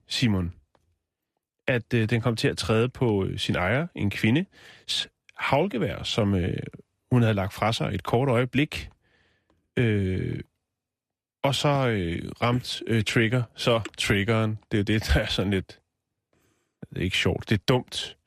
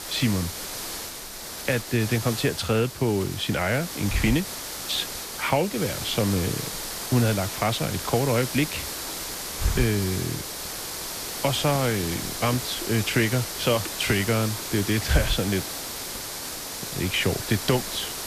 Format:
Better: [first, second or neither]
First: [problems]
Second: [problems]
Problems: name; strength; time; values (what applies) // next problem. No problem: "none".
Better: first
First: none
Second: hiss; loud; throughout; 5 dB below the speech